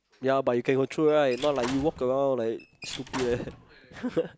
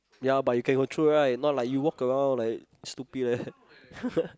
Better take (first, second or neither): second